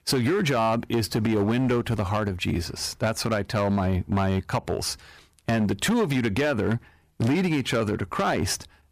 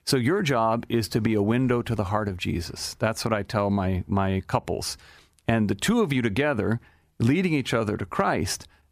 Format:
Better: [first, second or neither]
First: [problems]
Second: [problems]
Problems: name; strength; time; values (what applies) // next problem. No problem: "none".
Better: second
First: distortion; slight; 11% of the sound clipped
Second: none